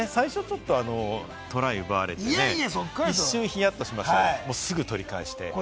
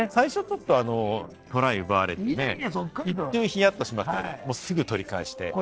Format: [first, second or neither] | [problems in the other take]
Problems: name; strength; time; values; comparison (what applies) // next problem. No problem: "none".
first | noise reduction (neural separator model SepFormer DNS4)